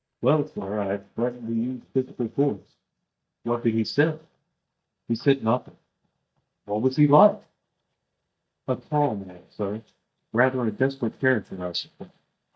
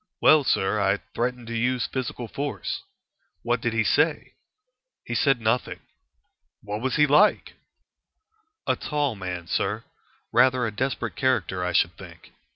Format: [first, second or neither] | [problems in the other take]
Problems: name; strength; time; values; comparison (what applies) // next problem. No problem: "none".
second | noise reduction (neural mask model DeepFilterNet 3)